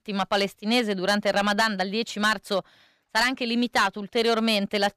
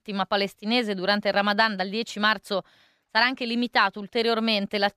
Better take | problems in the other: second | distortion; slight; 4% of the sound clipped

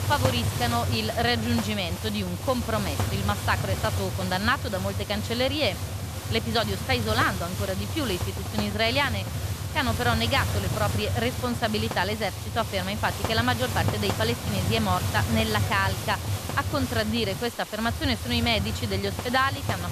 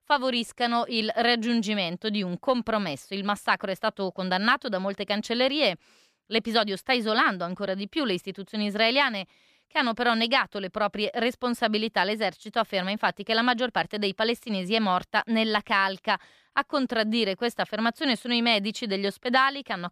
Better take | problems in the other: second | hiss; loud; throughout; 3 dB below the speech

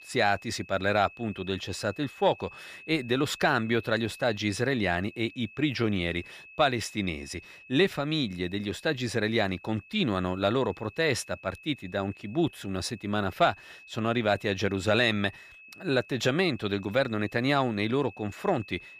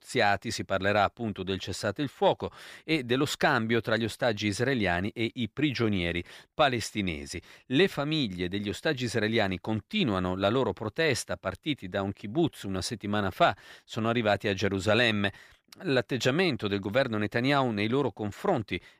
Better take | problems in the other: second | high-pitched whine; noticeable; throughout; 2.5 kHz, 20 dB below the speech

